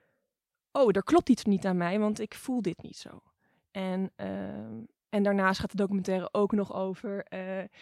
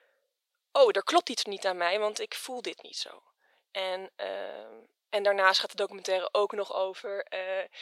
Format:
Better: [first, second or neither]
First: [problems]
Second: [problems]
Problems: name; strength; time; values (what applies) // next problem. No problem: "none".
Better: first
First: none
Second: thin; very; fading below 500 Hz